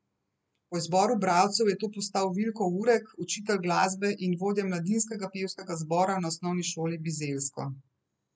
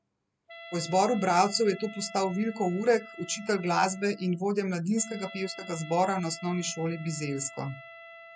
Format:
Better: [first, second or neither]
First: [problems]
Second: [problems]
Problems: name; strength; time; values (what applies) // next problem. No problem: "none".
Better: first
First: none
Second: background sound (Wind instrument, woodwind instrument); 18 dB below the speech